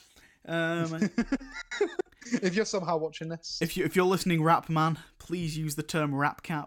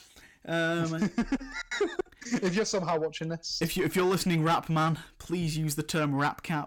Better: first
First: none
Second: distortion; slight; 10 dB below the speech

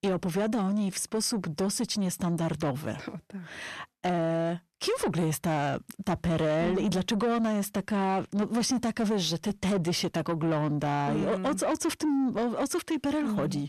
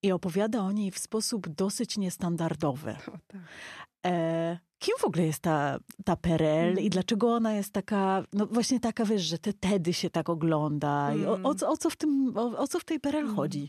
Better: second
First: distortion; slight; 10 dB below the speech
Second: none

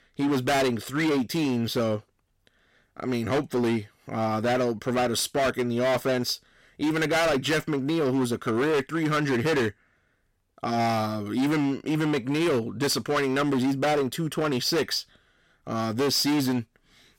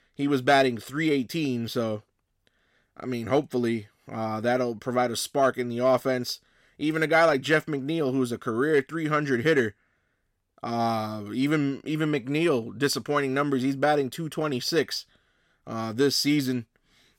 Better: second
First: distortion; heavy; 18% of the sound clipped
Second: none

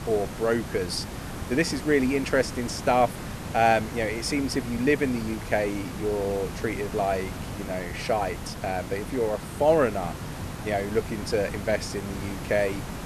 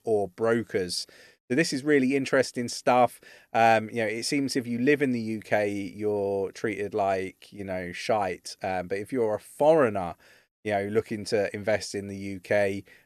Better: second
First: hiss; loud; throughout; 9 dB below the speech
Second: none

